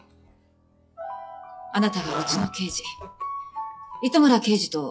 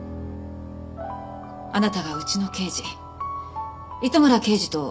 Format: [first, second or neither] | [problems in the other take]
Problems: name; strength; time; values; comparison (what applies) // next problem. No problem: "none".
second | noise reduction (classical method log-MMSE)